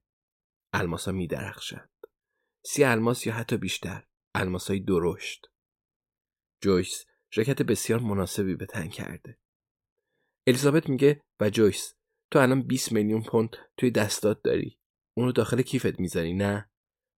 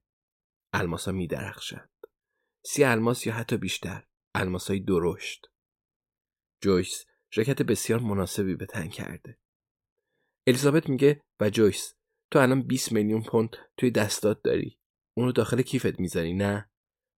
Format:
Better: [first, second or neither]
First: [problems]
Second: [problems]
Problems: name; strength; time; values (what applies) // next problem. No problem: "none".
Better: neither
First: none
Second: none